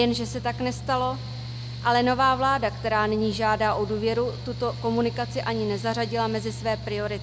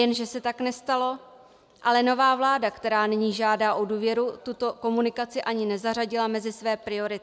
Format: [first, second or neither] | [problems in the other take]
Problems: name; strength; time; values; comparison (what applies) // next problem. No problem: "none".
second | background sound (Mechanical fan); 9 dB below the speech